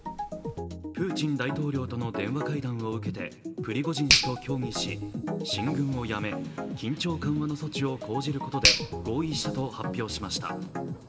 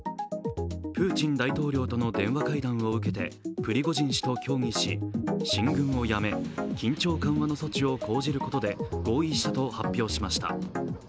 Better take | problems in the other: second | background sound (Finger snapping); 4 dB below the speech // room echo; dies away in 1.8 s

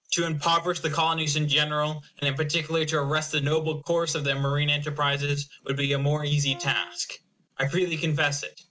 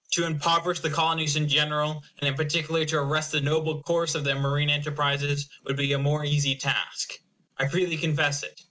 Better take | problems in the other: second | background sound (Brass instrument); 20 dB below the speech

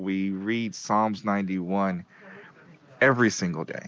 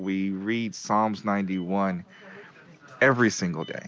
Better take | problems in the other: second | noise reduction (neural mask model Resemble Enhance denoiser)

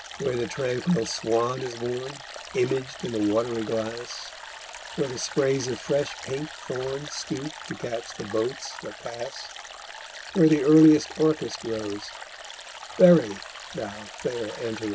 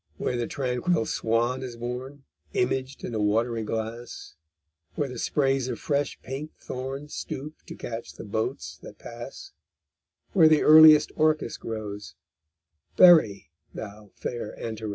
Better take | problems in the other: second | background sound (Stream); 14 dB below the speech

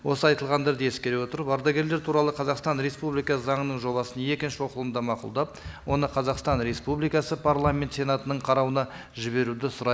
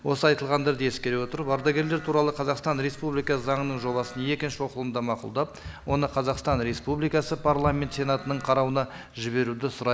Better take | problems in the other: first | background sound (Livestock, farm animals, working animals); 18 dB below the speech

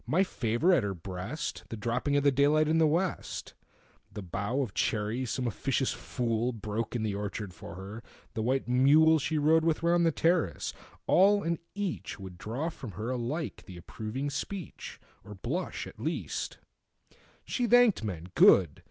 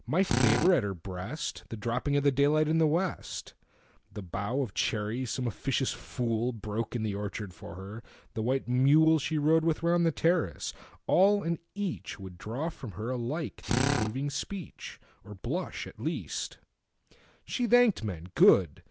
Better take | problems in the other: first | background sound (Drill); as loud as the speech

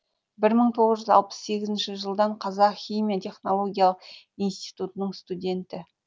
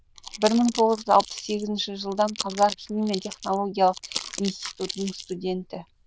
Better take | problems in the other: first | noise reduction (neural diffusion model UNIVERSE++)

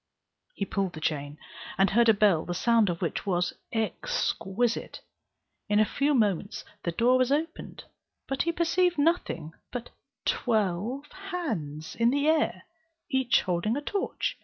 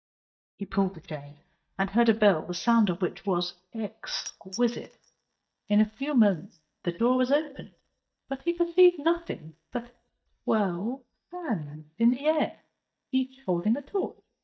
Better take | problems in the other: first | noise reduction (neural mask model DeepFilterNet 3)

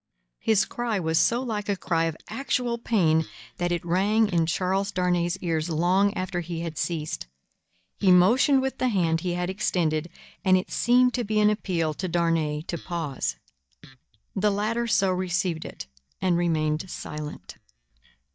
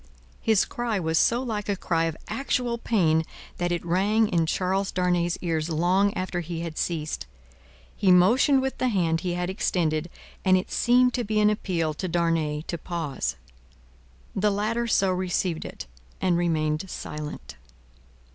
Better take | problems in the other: second | noise reduction (neural mask model DeepFilterNet 3)

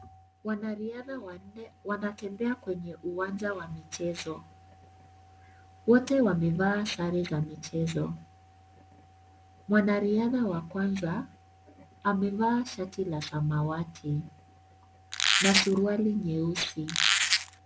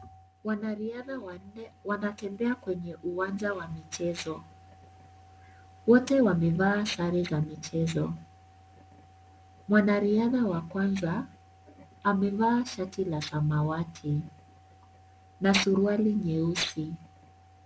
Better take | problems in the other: second | background sound (Squeak); 4 dB above the speech

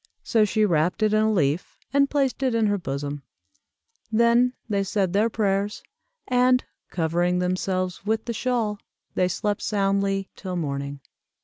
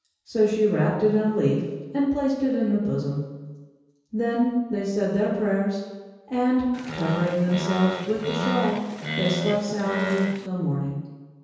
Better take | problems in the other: first | background sound (Animal); 4 dB below the speech // room echo; dies away in 1.2 s

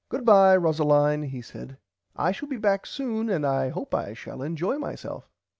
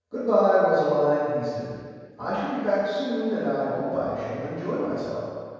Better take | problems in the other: first | room echo; dies away in 1.9 s

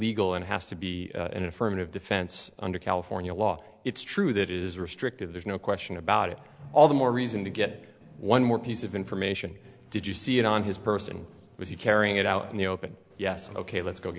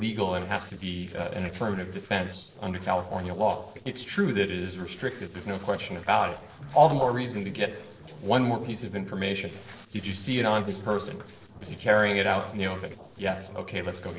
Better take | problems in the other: first | noise reduction (neural separator model SepFormer DNS4)

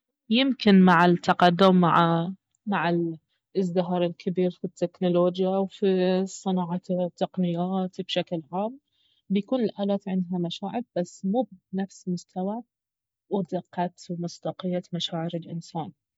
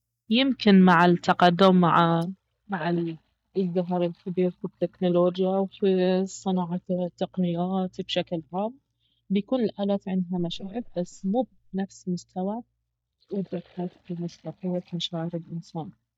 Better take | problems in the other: first | noise reduction (neural mask model DeepFilterNet 3)

